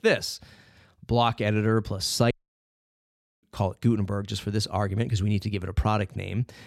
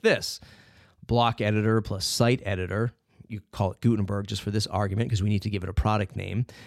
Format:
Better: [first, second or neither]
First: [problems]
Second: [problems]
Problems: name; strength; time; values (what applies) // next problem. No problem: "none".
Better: second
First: audio cutting out; at 2.5 s for 1 s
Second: none